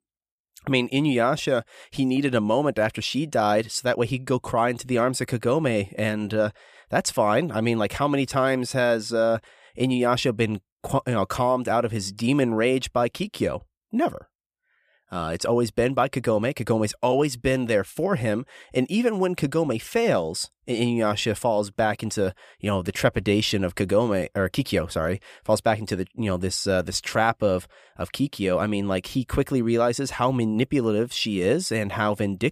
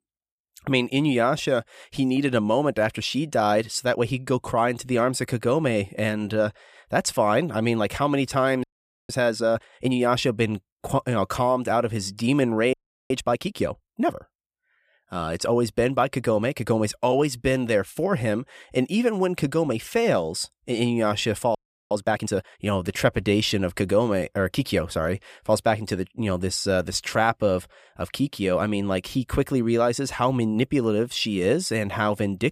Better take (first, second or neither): first